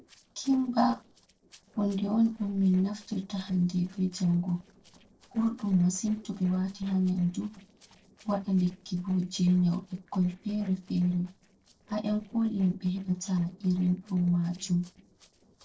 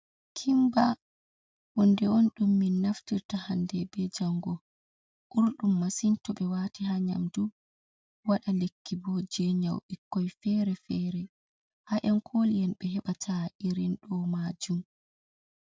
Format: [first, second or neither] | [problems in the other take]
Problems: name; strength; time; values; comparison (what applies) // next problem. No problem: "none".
second | noise reduction (neural separator model SepFormer DNS4)